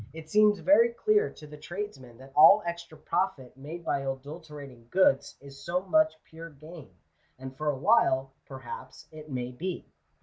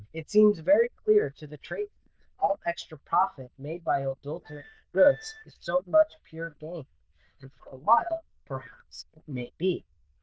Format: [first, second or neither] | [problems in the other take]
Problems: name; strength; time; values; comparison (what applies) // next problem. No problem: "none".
first | noise reduction (neural diffusion model UNIVERSE++)